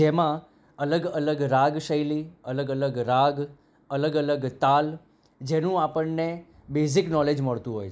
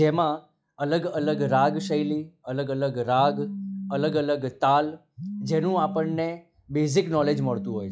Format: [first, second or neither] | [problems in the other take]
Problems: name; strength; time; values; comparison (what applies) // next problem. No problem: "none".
first | noise reduction (classical method log-MMSE)